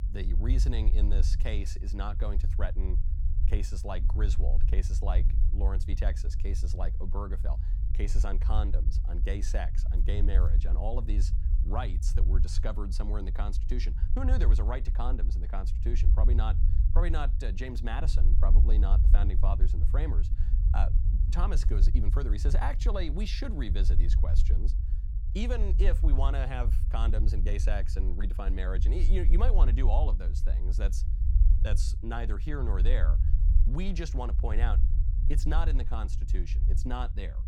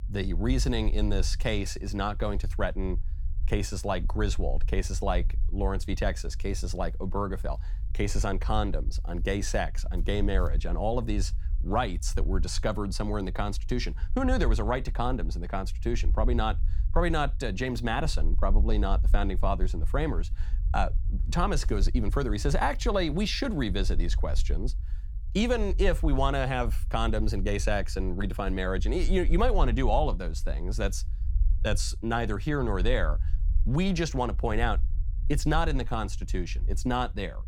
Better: second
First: low rumble; loud; throughout; 9 dB below the speech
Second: low rumble; faint; throughout; 20 dB below the speech

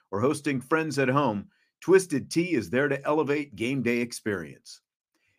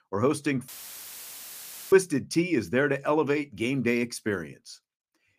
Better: first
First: none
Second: audio cutting out; filled with static; at 0.5 s for 1 s

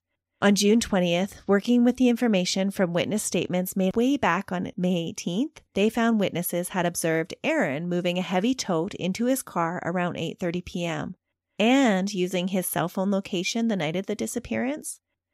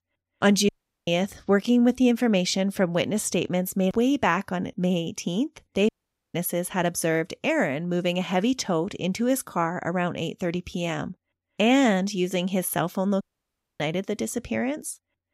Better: first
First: none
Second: audio cutting out; at 0.5 s, at 6 s and at 13 s for 0.5 s

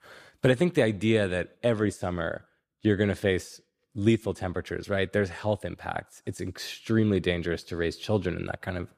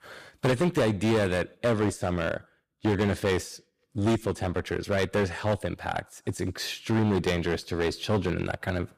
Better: first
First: none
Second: distortion; heavy; 11% of the sound clipped

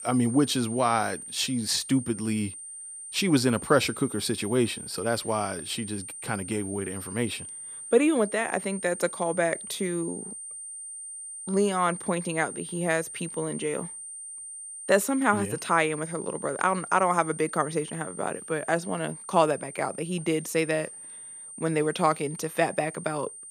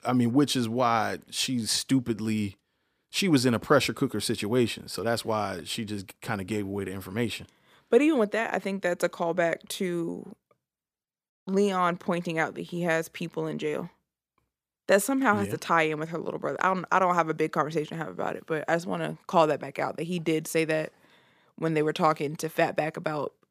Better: second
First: high-pitched whine; noticeable; throughout; 9 kHz, 10 dB below the speech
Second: none

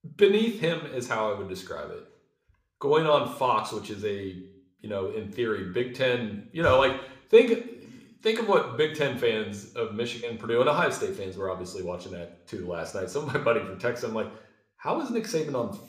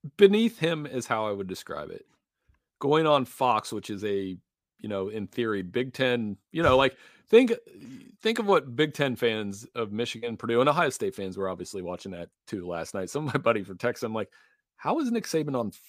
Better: second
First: room echo; slight; dies away in 0.6 s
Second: none

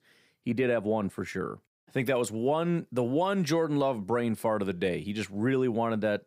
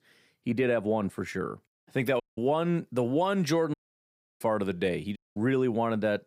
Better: first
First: none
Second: audio cutting out; at 2 s, at 3.5 s for 0.5 s and at 5 s

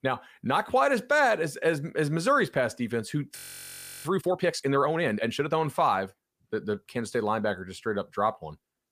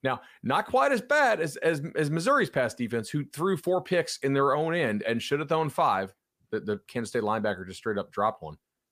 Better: second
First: audio freezing; at 3.5 s for 0.5 s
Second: none

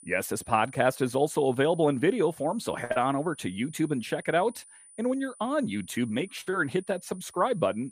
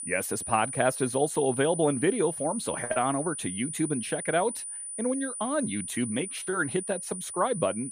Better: first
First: high-pitched whine; faint; throughout; 9.5 kHz, 20 dB below the speech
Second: high-pitched whine; loud; throughout; 9.5 kHz, 6 dB below the speech

